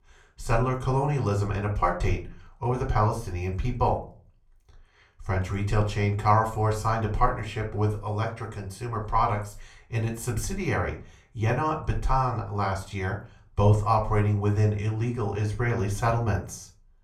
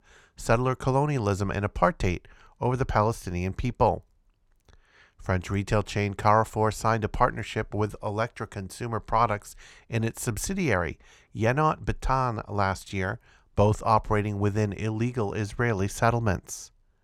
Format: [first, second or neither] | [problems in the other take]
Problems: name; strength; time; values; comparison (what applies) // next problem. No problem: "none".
second | off-mic speech; somewhat distant // room echo; very slight; dies away in 0.3 s